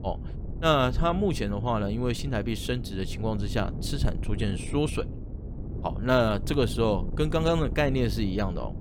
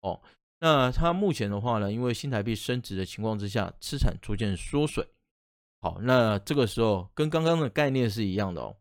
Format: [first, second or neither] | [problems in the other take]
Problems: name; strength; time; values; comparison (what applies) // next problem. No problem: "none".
second | wind noise on the microphone; occasional gusts; 15 dB below the speech